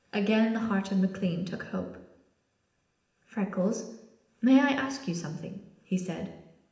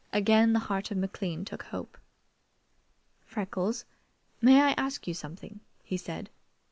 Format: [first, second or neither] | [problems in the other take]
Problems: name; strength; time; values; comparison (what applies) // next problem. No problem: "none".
second | room echo; dies away in 0.8 s